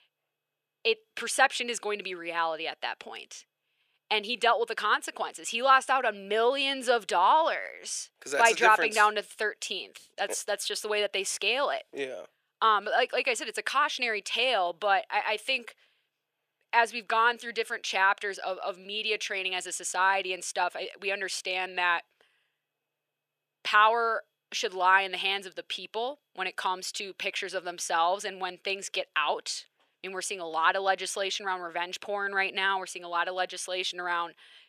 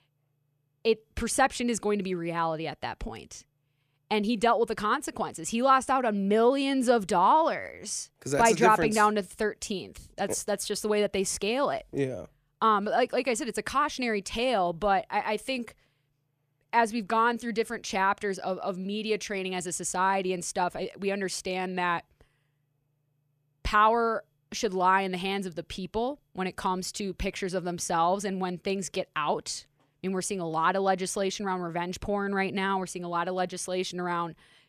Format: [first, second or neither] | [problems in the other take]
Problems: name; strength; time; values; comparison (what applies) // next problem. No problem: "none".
second | thin; very; fading below 550 Hz